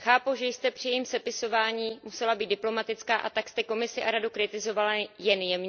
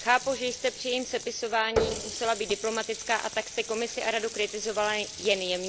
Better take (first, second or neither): first